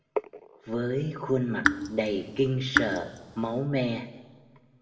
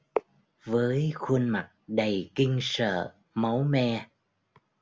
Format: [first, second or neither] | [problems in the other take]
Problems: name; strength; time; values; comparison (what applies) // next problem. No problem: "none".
second | background sound (Raindrop / Drip); as loud as the speech // room echo; dies away in 1.4 s